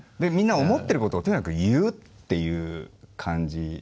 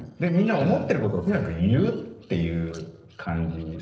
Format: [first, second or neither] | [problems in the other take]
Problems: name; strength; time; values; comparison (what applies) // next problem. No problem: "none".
first | noise reduction (neural separator model SepFormer DNS4)